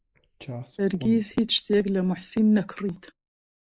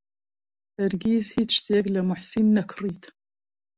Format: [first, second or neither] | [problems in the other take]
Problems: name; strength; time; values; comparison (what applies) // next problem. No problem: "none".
second | noise reduction (neural mask model Resemble Enhance denoiser)